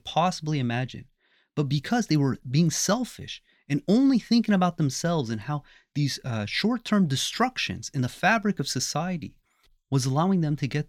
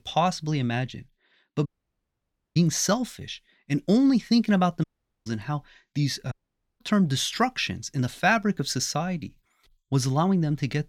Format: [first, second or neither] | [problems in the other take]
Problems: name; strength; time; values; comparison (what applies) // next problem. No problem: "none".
first | audio cutting out; at 1.5 s for 1 s, at 5 s and at 6.5 s